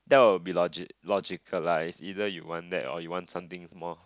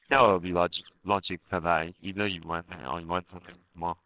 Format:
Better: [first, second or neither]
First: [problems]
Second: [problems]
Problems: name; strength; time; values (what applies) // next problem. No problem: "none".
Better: first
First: none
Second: noise reduction (neural separator model SepFormer WHAMR!)